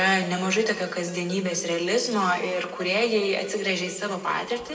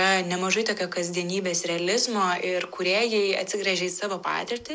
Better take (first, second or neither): second